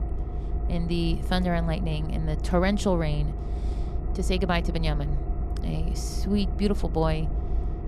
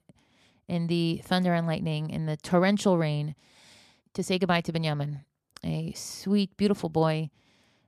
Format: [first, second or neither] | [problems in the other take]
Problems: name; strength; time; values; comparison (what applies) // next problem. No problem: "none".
second | low rumble; noticeable; throughout; 10 dB below the speech